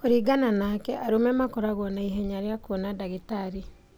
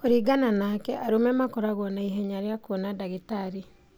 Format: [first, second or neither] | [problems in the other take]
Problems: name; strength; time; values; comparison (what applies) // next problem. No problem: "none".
second | background sound (Bird vocalization, bird call, bird song); 19 dB below the speech